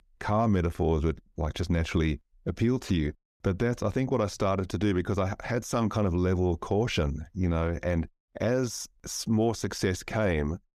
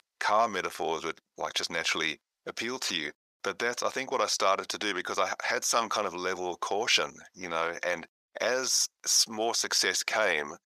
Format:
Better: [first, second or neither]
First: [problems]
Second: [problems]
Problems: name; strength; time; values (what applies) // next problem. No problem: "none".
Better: first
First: none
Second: thin; very; fading below 800 Hz